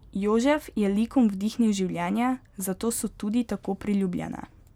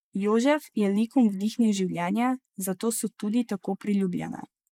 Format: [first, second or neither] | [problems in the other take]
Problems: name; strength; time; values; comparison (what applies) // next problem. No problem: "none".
first | noise reduction (neural mask model Resemble Enhance denoiser)